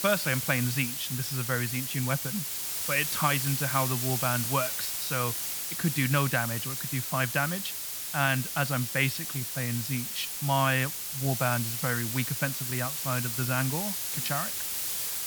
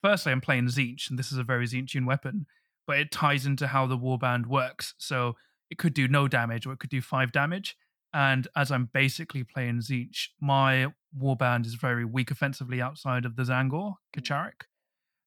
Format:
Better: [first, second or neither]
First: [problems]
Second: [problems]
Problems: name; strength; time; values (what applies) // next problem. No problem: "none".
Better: second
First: hiss; loud; throughout; 1 dB below the speech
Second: none